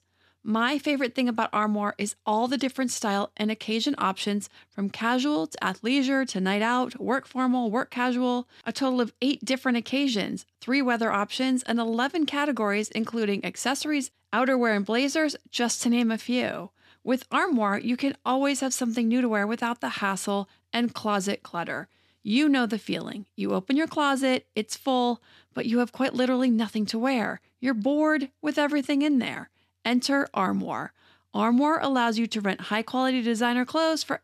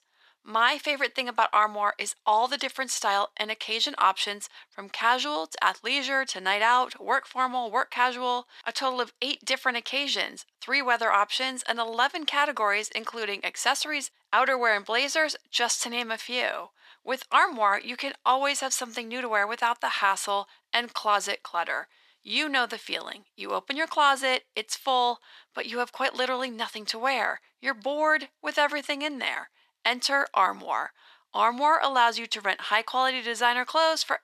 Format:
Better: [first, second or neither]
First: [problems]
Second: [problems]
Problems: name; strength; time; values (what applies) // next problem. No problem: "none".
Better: first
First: none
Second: thin; very; fading below 700 Hz